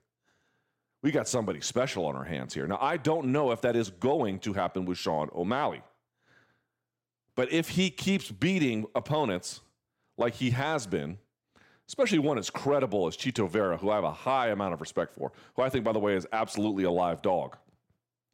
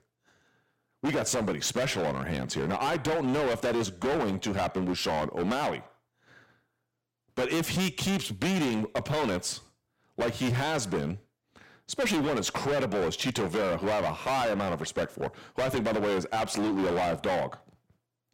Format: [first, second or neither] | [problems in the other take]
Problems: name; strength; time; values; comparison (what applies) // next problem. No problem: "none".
first | distortion; heavy; 22% of the sound clipped